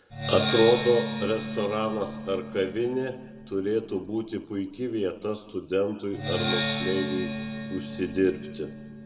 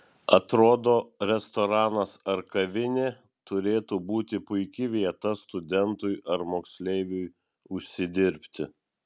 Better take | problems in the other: second | background sound (Percussion); 6 dB below the speech // room echo; dies away in 1.3 s

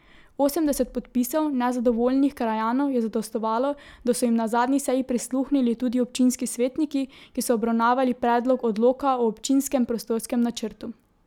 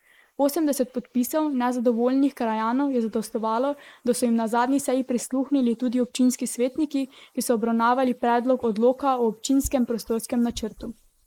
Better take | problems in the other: first | noise reduction (neural mask model Resemble Enhance denoiser)

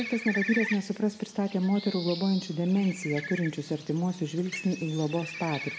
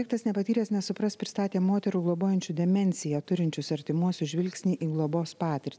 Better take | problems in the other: second | background sound (Bird); 10 dB below the speech // room echo; dies away in 1.4 s

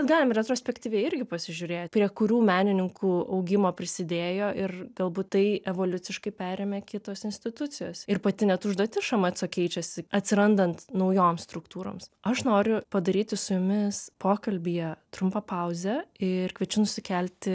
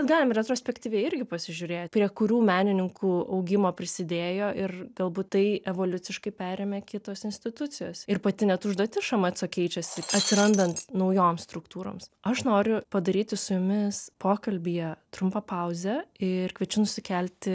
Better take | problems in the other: first | background sound (Shatter); 5 dB below the speech

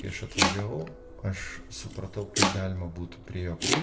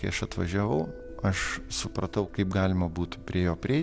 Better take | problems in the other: second | background sound (Domestic sounds, home sounds); 2 dB above the speech // room echo; dies away in 0.5 s

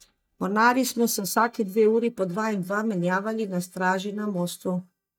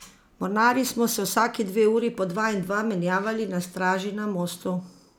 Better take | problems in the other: second | noise reduction (neural mask model DeepFilterNet 3)

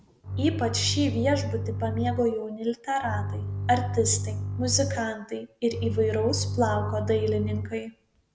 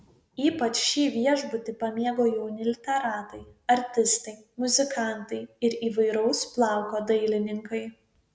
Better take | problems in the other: second | background sound (Bowed string instrument); 3 dB below the speech

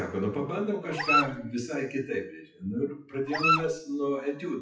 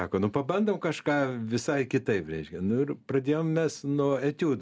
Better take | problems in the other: second | noise reduction (classical method WPE with log-MMSE)

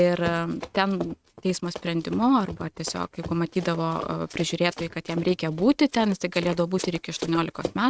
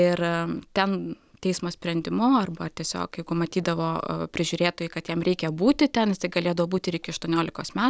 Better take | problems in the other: second | noise reduction (neural mask model RNNoise)

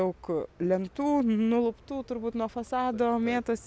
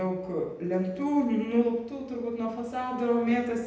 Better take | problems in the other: first | room echo; dies away in 0.9 s

